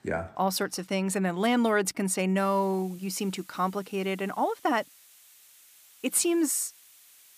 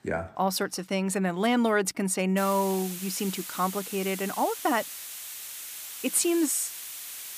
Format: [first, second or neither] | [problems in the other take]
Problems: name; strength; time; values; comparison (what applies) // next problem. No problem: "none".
first | hiss; loud; from 2.5 s on; 9 dB below the speech; faint in the first